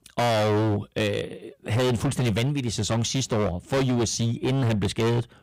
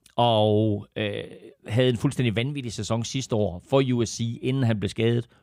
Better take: second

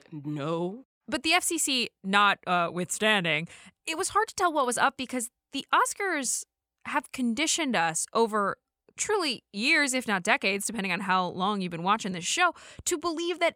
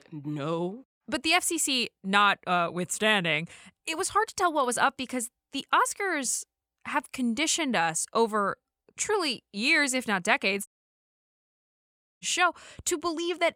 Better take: first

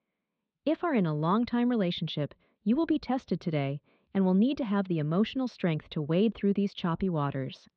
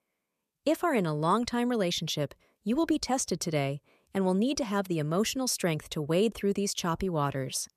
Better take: second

